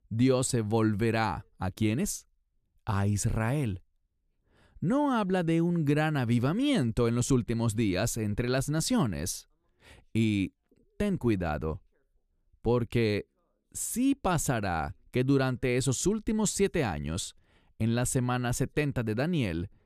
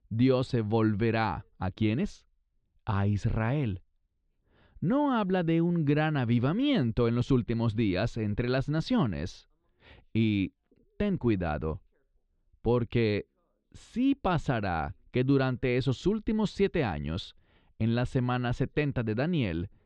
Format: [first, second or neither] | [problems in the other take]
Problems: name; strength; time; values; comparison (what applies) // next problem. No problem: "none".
first | muffled; slightly; fading above 4 kHz